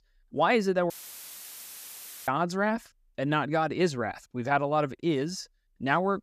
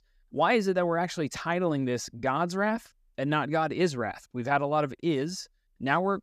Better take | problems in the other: second | audio cutting out; filled with static; at 1 s for 1.5 s

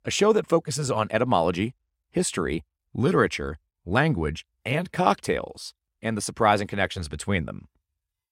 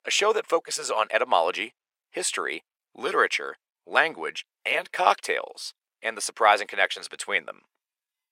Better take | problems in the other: first | thin; very; fading below 500 Hz

